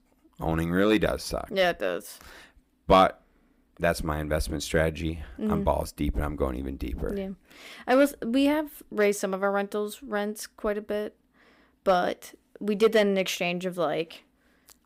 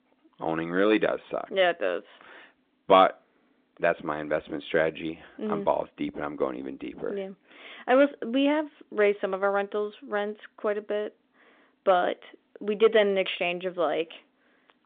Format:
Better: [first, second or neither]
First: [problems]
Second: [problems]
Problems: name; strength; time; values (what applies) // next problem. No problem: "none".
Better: first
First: none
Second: phone-call audio